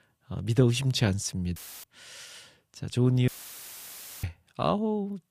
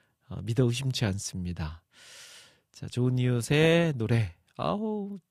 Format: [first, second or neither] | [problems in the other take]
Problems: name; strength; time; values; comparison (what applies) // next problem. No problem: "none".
second | audio cutting out; filled with static; at 1.5 s and at 3.5 s for 1 s